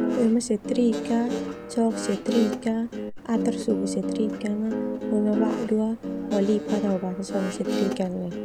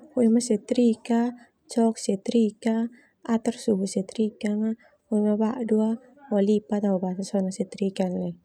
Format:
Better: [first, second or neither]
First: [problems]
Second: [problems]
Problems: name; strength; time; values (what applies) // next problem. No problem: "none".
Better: second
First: background sound (Guitar); 4 dB below the speech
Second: none